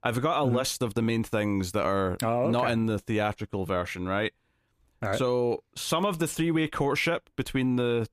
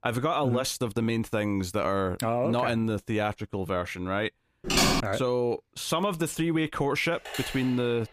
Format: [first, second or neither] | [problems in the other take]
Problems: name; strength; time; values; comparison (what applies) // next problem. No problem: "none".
first | keyboard typing; loud; at 4.5 s; peak 6 dB above the speech // phone ringing; noticeable; from 7 s on; peak 7 dB below the speech